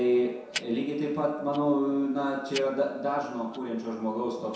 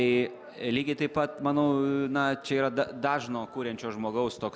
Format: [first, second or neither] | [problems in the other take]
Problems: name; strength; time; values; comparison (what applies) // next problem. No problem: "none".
second | background sound (Tick-tock); 17 dB below the speech // room echo; dies away in 0.7 s